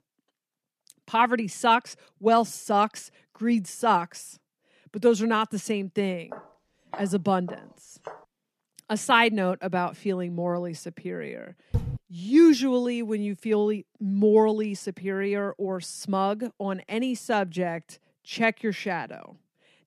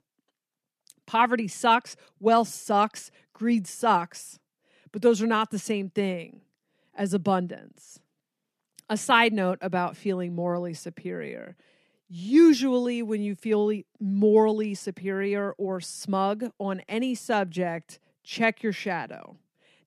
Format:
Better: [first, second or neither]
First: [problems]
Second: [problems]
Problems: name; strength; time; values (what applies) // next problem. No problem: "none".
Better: second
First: footsteps; faint; from 6.5 to 8 s; peak 15 dB below the speech // door banging; noticeable; at 12 s; peak 6 dB below the speech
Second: none